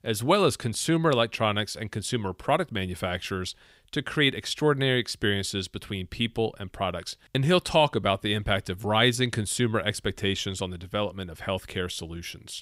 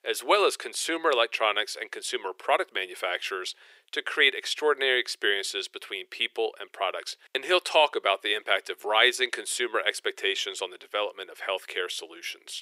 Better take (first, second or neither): first